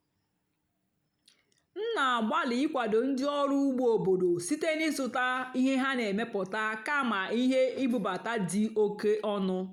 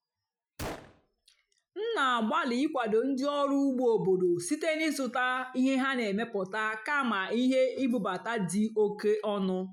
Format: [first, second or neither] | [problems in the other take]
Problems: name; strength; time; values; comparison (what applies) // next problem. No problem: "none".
first | noise reduction (classical method Wiener filter)